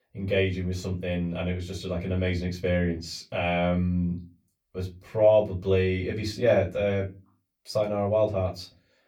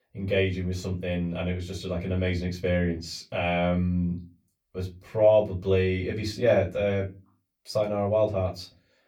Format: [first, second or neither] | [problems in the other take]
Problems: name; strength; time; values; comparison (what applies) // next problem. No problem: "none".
neither | off-mic speech; far; the same in both // room echo; very slight; dies away in 0.3 s; the same in both